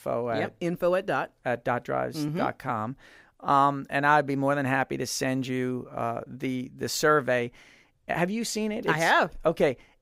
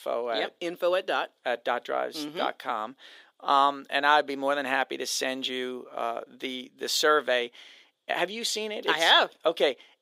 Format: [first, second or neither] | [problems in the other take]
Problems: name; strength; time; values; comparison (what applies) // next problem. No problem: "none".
first | thin; somewhat; fading below 350 Hz